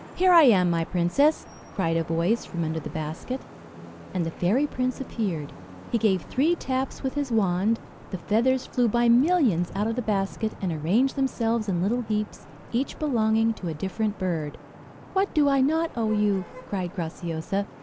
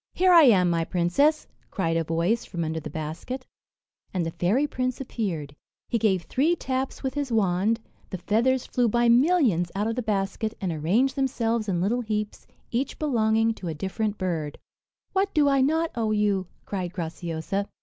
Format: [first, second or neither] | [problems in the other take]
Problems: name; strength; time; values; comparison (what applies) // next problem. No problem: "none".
second | background sound (Traffic noise, roadway noise / Vehicle horn, car horn, honking); 18 dB below the speech